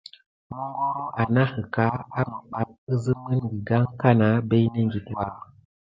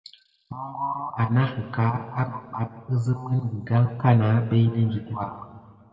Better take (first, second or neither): first